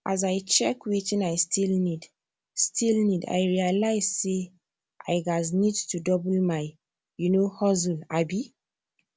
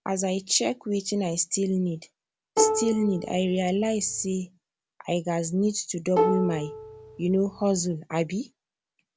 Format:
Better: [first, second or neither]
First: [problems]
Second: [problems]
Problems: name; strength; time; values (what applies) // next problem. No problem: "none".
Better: first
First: none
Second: background sound (Plucked string instrument); 2 dB below the speech